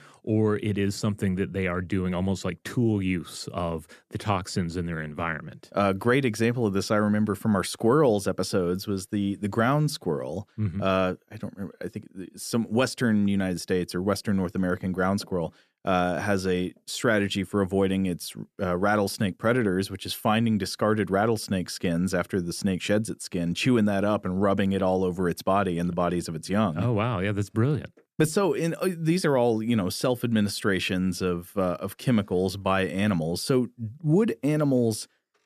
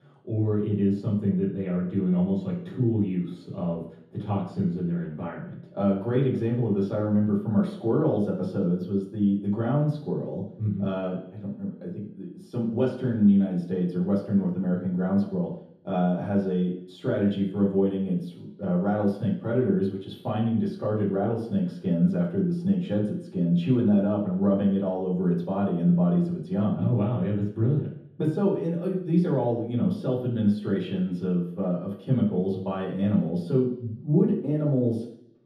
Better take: first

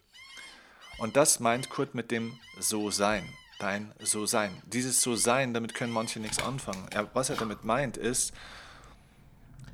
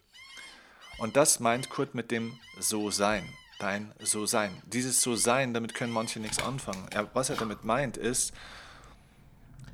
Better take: neither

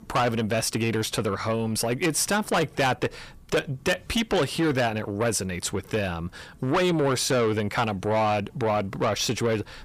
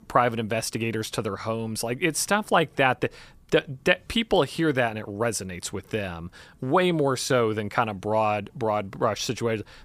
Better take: second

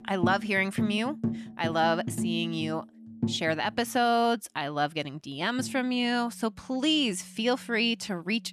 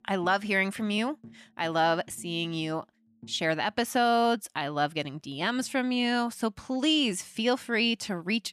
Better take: second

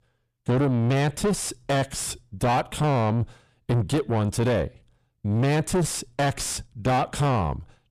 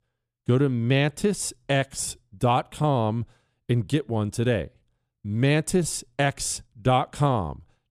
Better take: second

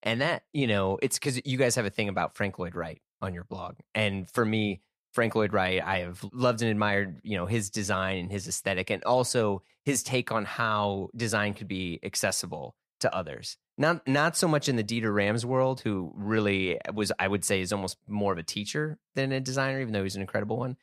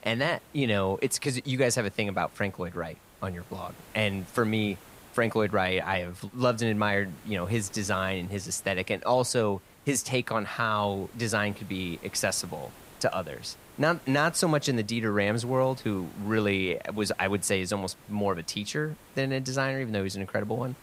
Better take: first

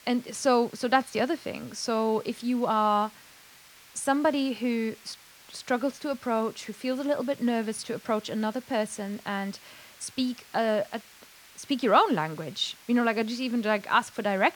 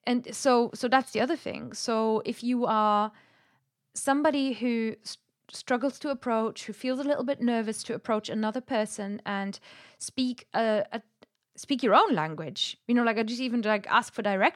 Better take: second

